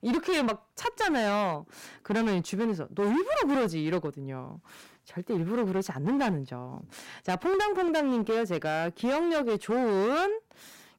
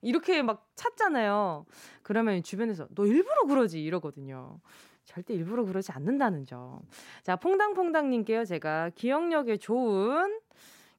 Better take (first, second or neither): second